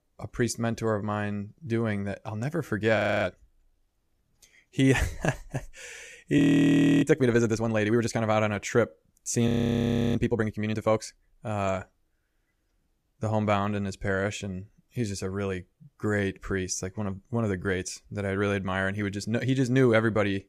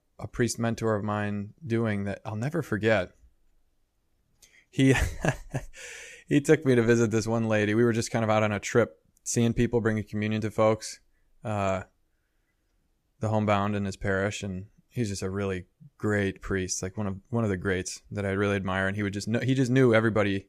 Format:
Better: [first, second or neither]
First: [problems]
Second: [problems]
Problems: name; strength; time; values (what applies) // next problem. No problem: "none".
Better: second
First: audio freezing; at 3 s, at 6.5 s for 0.5 s and at 9.5 s for 0.5 s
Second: none